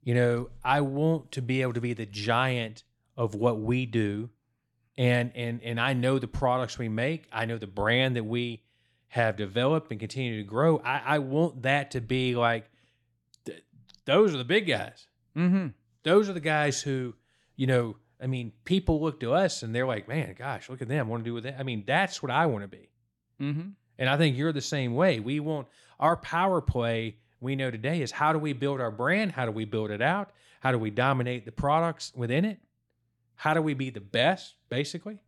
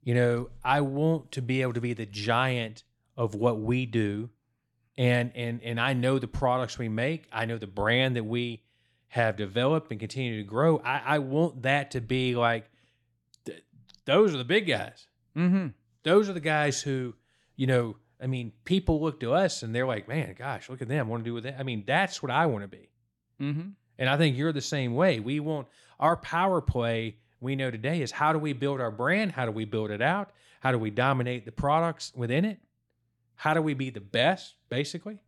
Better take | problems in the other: neither | none

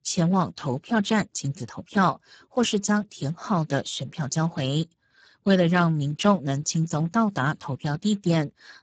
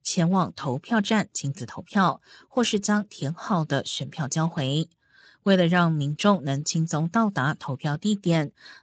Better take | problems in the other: second | garbled, watery; badly; nothing above 7.5 kHz; slightly in the second

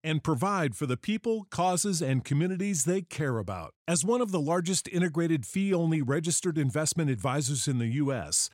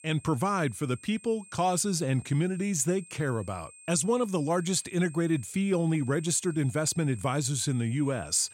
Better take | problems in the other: first | high-pitched whine; faint; throughout; 8.5 kHz, 20 dB below the speech

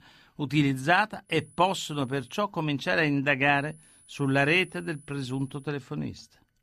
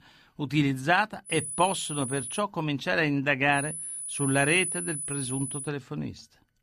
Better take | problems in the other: first | high-pitched whine; loud; from 1.5 to 2.5 s and from 3.5 to 5.5 s; 10 kHz, 5 dB below the speech; faint in the first

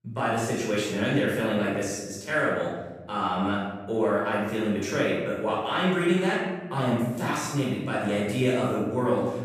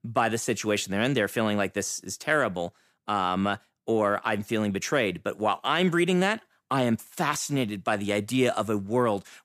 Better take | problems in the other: second | off-mic speech; far // room echo; strong; dies away in 1.3 s

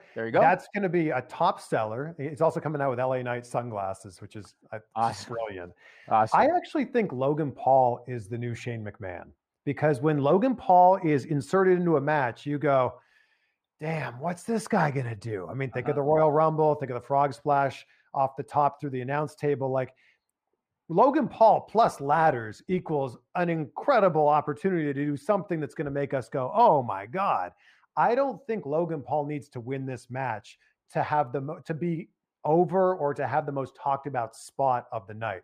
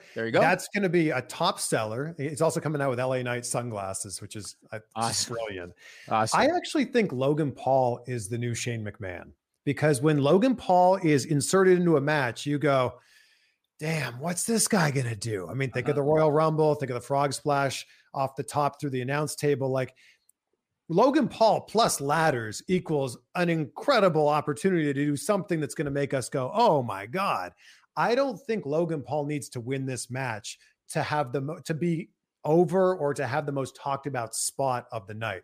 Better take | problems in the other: second | muffled; very; fading above 3.5 kHz

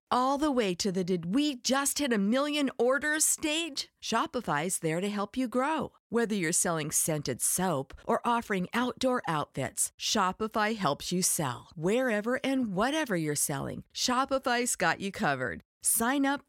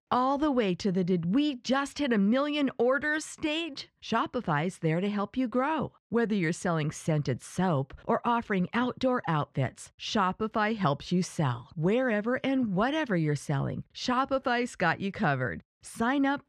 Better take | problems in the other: first | muffled; slightly; fading above 3.5 kHz

